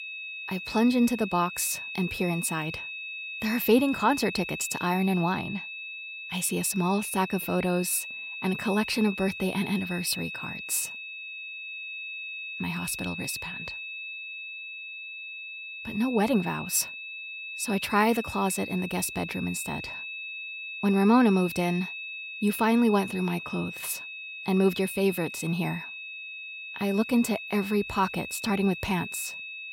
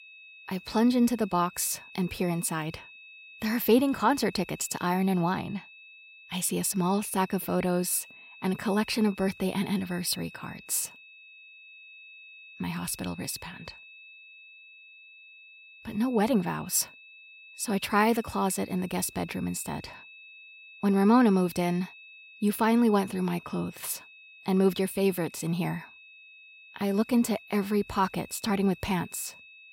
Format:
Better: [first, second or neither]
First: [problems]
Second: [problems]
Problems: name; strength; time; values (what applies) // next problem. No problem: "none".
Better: second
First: high-pitched whine; loud; throughout; 2.5 kHz, 8 dB below the speech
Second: high-pitched whine; faint; throughout; 2.5 kHz, 20 dB below the speech